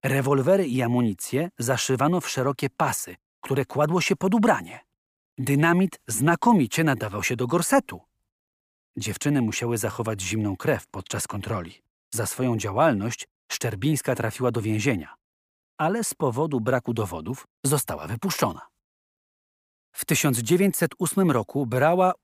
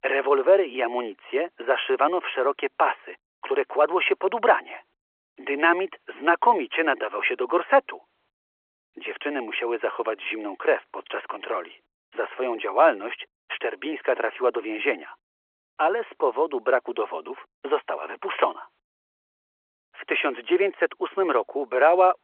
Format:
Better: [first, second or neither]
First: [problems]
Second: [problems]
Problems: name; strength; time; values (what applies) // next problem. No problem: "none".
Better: first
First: none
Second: phone-call audio